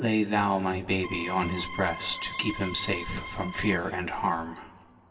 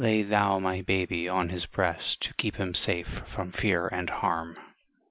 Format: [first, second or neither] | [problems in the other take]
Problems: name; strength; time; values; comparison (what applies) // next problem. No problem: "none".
second | background sound (Organ); 10 dB below the speech // room echo; dies away in 2.2 s